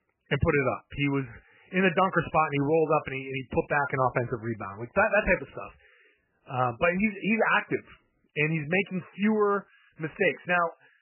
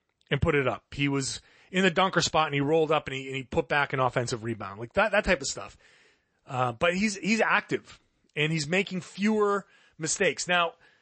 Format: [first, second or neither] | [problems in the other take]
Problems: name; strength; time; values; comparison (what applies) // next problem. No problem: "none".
second | garbled, watery; badly; nothing above 3 kHz; slightly in the second